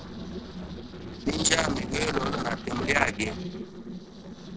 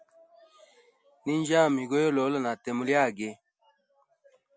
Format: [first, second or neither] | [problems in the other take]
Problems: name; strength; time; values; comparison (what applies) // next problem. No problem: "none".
second | noise reduction (neural separator model SepFormer DNS4)